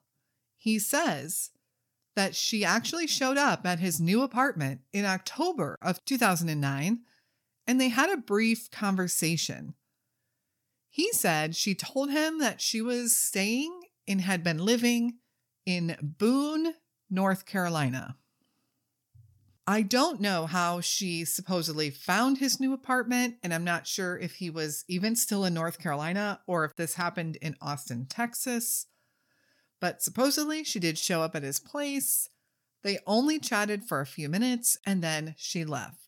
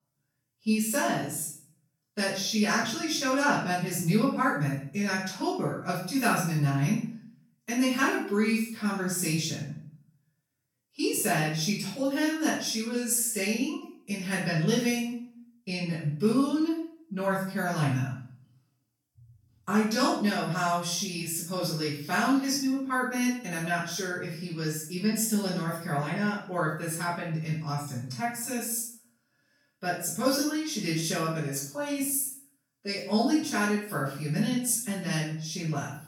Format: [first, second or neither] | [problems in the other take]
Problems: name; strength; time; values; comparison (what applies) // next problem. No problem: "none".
first | off-mic speech; far // room echo; noticeable; dies away in 0.5 s